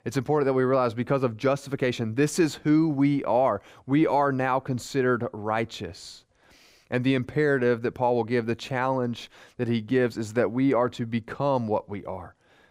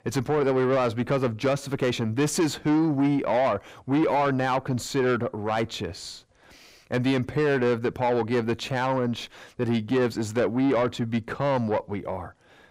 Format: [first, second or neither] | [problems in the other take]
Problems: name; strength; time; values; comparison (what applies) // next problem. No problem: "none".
first | distortion; slight; 10 dB below the speech